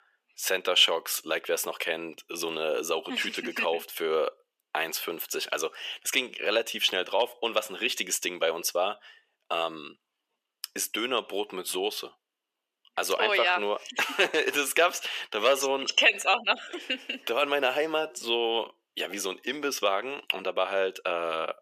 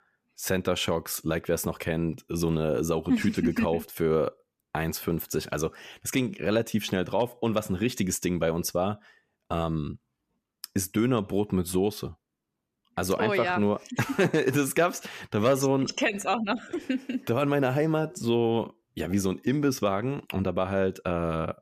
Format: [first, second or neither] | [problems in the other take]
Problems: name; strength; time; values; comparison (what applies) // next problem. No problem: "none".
second | thin; very; fading below 450 Hz